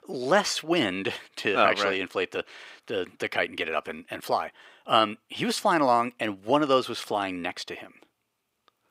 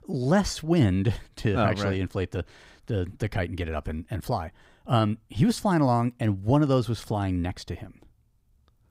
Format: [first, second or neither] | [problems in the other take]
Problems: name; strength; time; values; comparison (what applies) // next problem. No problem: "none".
second | thin; somewhat; fading below 450 Hz